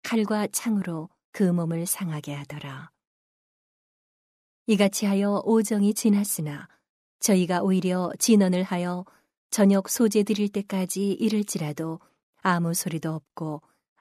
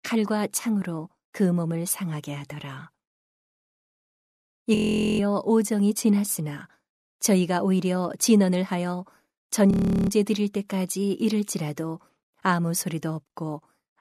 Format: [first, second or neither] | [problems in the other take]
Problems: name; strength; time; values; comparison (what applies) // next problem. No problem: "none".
first | audio freezing; at 5 s and at 9.5 s